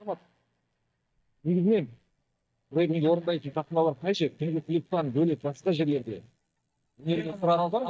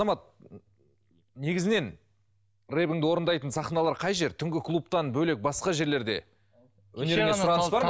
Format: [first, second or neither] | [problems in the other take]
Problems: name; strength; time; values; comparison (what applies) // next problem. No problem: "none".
second | noise reduction (neural mask model DeepFilterNet 3)